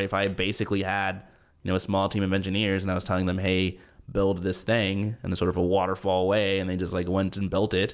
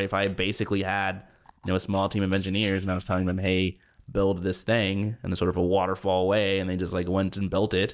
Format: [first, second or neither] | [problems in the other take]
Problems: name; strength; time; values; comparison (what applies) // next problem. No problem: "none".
first | noise reduction (neural mask model DeepFilterNet 3)